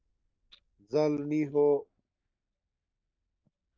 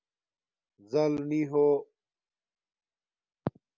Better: second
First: noise reduction (neural mask model DeepFilterNet 3)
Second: none

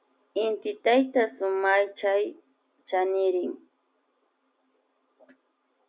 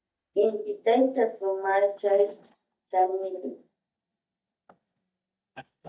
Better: first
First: none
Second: noise reduction (neural mask model DeepFilterNet 3)

